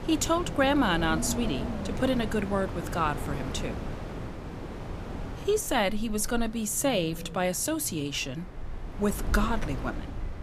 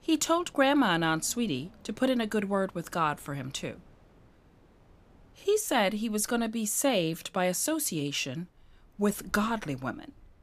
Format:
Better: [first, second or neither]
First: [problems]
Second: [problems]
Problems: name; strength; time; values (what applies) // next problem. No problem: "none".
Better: second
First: wind in the background; loud; throughout; 8 dB below the speech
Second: wind in the background; faint; throughout; 30 dB below the speech